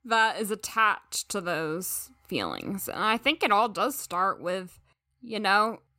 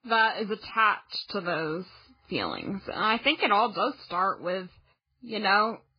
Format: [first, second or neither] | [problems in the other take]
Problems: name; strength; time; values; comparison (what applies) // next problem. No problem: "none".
first | garbled, watery; badly; nothing above 4.5 kHz